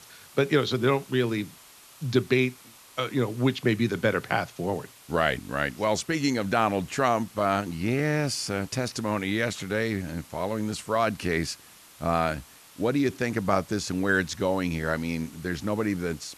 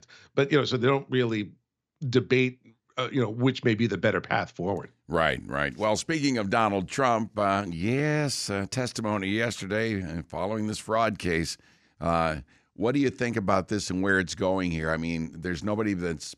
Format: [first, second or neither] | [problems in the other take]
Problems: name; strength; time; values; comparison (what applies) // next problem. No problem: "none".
second | hiss; faint; throughout; 20 dB below the speech